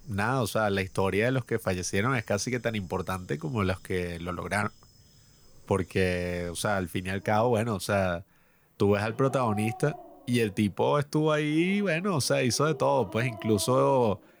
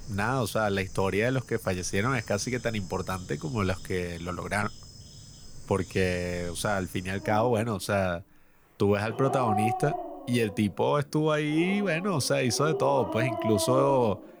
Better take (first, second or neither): first